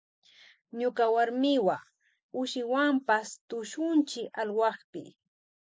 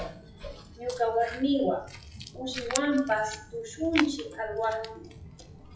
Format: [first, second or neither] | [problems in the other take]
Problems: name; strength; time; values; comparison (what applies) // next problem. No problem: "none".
first | noise reduction (classical method WPE with log-MMSE)